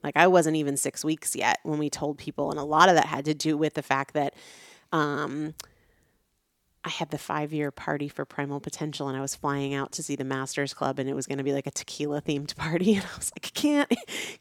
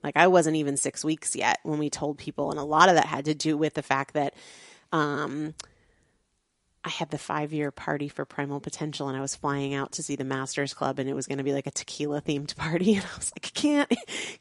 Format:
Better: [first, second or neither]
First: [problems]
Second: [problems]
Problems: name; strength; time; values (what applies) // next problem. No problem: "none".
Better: first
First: none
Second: garbled, watery; slightly; nothing above 10.5 kHz